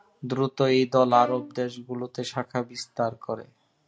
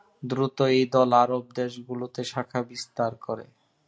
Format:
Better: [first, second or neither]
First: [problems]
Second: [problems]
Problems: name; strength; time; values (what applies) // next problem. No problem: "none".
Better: second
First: background sound (Bowed string instrument); 14 dB below the speech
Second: none